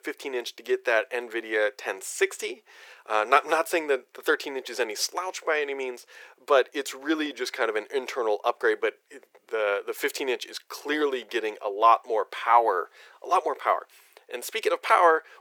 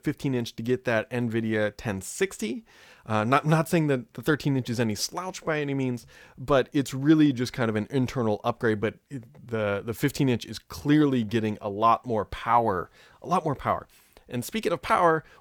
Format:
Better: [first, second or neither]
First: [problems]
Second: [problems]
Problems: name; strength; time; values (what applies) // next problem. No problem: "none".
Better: second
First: thin; very; fading below 400 Hz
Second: none